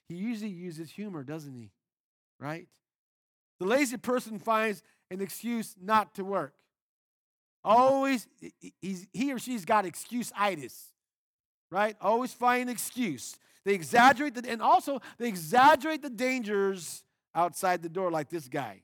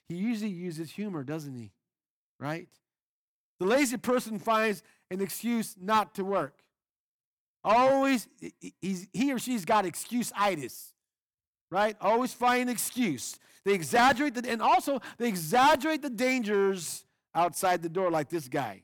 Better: first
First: none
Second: distortion; slight; 10 dB below the speech

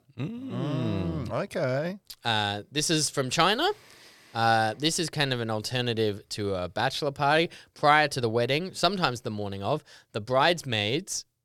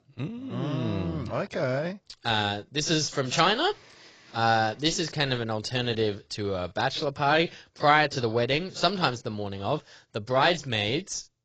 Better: first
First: none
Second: garbled, watery; badly; nothing above 7.5 kHz

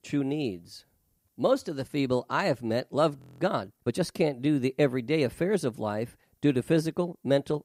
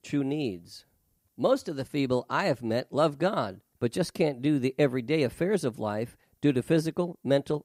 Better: second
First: audio freezing; at 3 s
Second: none

